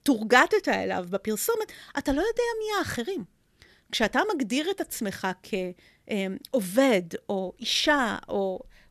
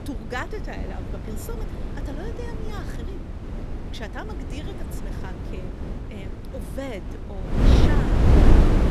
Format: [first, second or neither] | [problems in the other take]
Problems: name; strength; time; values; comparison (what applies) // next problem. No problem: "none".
first | wind noise on the microphone; heavy; 4 dB above the speech